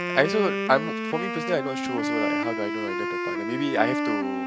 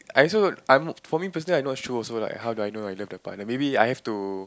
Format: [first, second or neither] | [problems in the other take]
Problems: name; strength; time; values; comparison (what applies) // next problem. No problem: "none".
second | background sound (Wind instrument, woodwind instrument); 1 dB below the speech